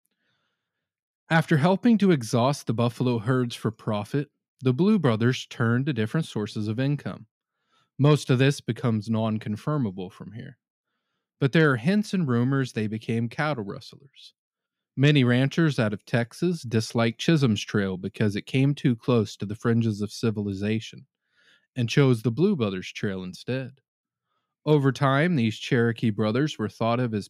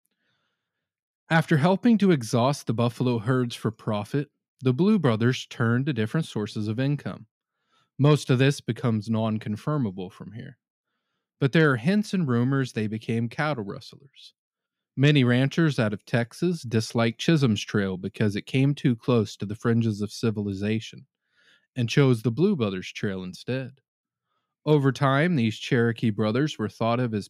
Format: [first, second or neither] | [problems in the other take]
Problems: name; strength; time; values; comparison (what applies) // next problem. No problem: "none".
neither | none